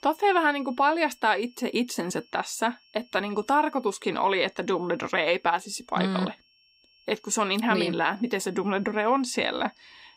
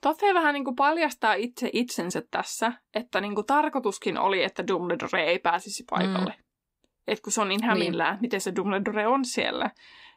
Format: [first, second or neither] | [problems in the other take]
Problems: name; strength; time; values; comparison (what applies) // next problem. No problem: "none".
second | high-pitched whine; faint; throughout; 5.5 kHz, 30 dB below the speech